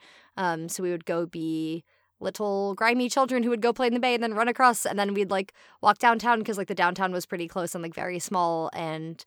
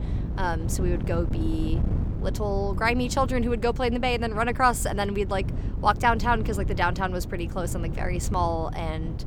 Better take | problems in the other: first | wind noise on the microphone; occasional gusts; 15 dB below the speech

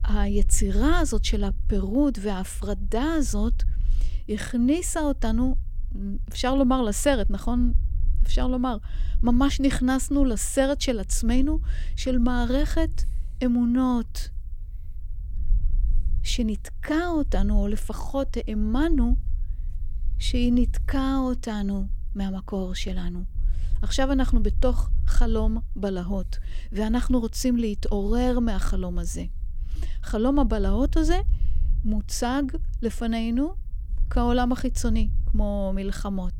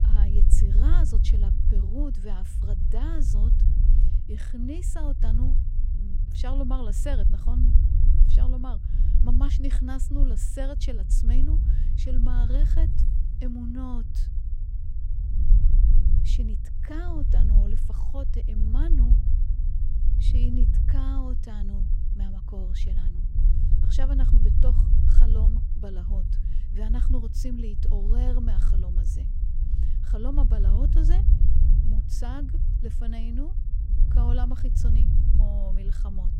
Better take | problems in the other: first | low rumble; loud; throughout; 4 dB below the speech; faint in the first

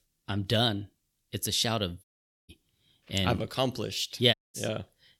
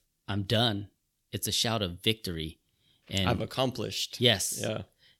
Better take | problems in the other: second | audio cutting out; at 2 s and at 4.5 s

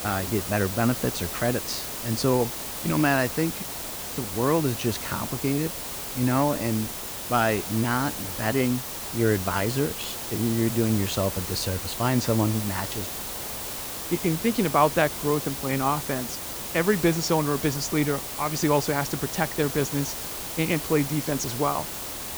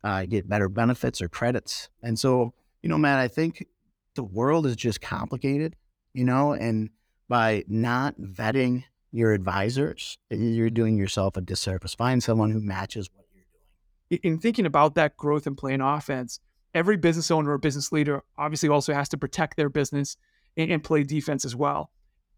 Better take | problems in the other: second | hiss; loud; throughout; 5 dB below the speech

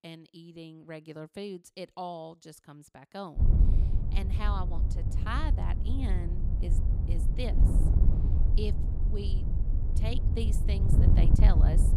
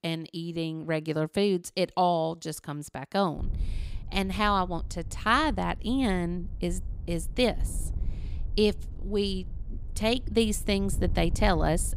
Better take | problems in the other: second | wind noise on the microphone; heavy; from 3.5 s on; 3 dB below the speech; occasional gusts in the second

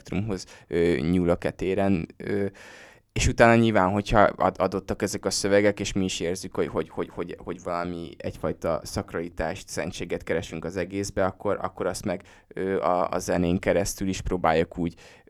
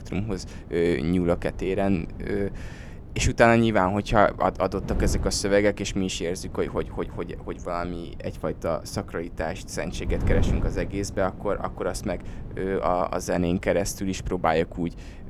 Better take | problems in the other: first | wind noise on the microphone; occasional gusts; 20 dB below the speech

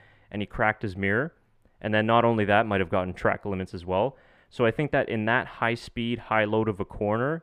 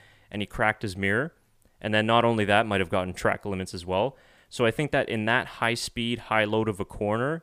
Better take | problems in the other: second | muffled; slightly; fading above 3.5 kHz

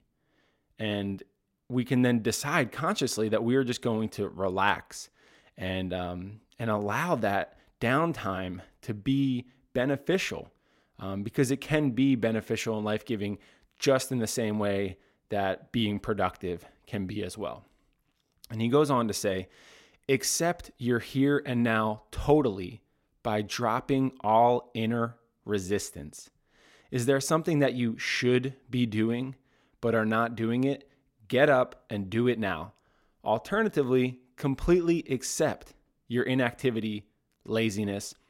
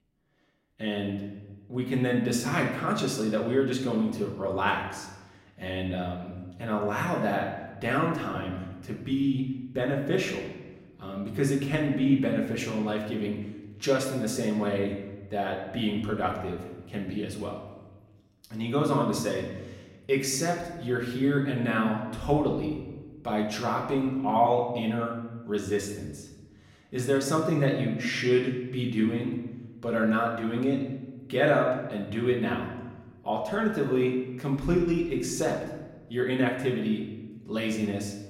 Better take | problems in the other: first | room echo; noticeable; dies away in 1 s // off-mic speech; far

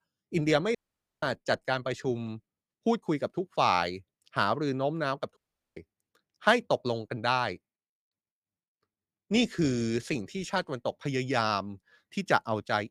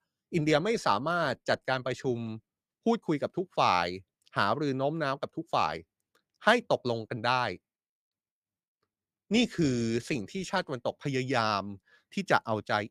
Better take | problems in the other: second | audio cutting out; at 1 s and at 5.5 s

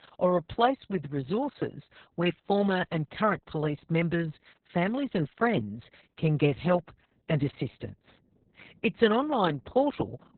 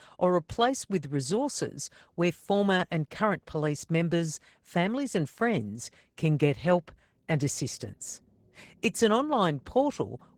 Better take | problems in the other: second | garbled, watery; badly; nothing above 4 kHz; slightly in the second

